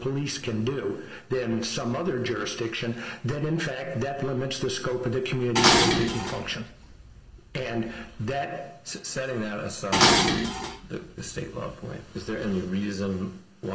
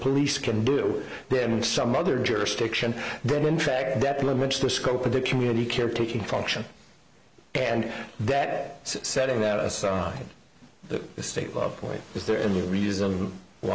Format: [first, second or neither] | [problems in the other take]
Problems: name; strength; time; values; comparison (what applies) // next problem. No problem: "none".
second | background sound (Dishes, pots, and pans); 3 dB above the speech // room echo; dies away in 0.8 s